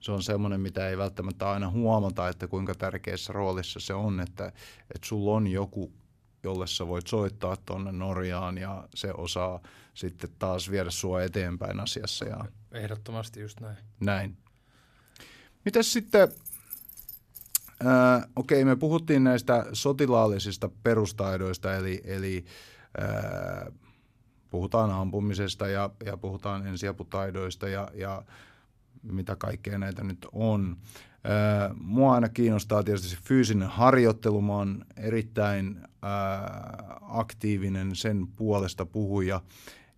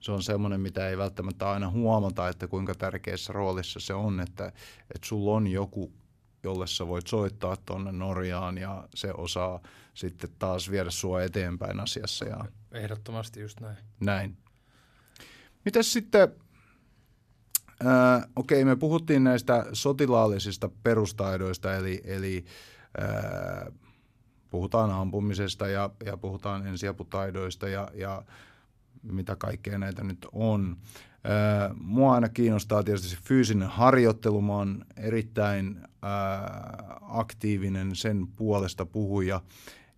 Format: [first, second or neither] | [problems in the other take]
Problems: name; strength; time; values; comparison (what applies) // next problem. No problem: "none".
second | jangling keys; faint; from 16 to 18 s; peak 10 dB below the speech